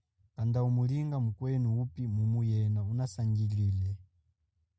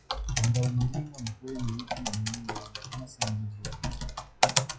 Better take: first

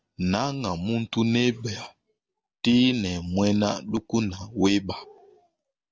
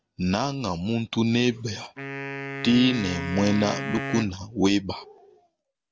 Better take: first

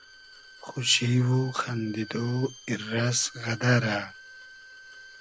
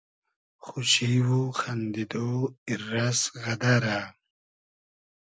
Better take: second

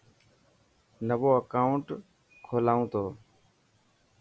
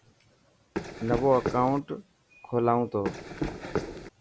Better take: first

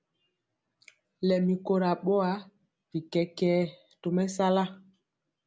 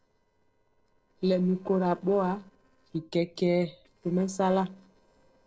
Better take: first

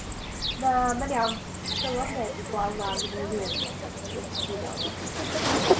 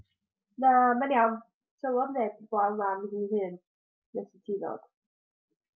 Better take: second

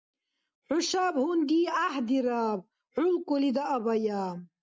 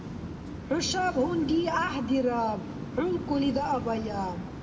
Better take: first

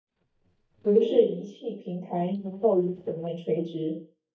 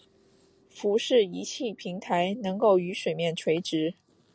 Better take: second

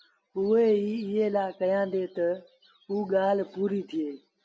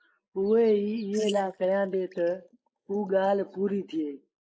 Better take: first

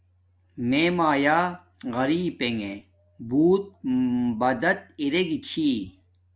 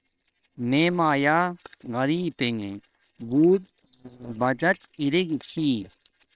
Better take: first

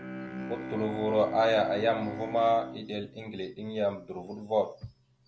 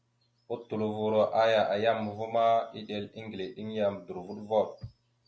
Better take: second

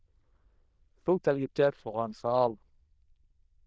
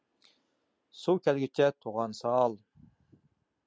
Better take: second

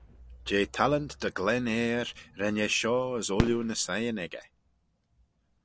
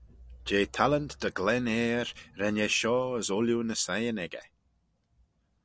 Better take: second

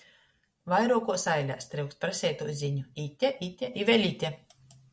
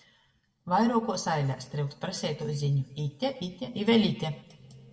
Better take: first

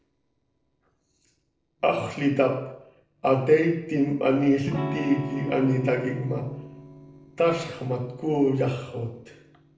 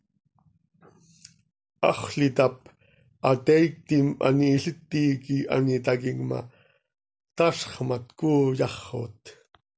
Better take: second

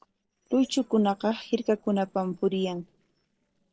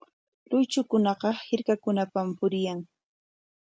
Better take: second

